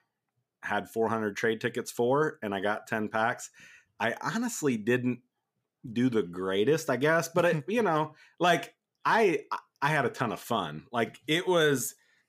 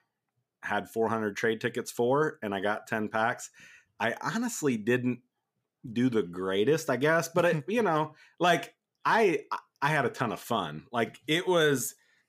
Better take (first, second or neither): neither